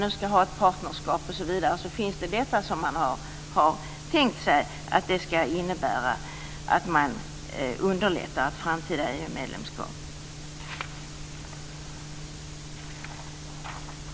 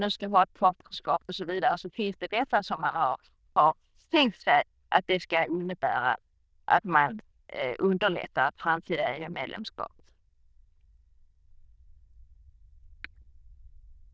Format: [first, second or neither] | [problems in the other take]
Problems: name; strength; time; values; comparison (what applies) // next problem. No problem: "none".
first | noise reduction (neural diffusion model UNIVERSE++)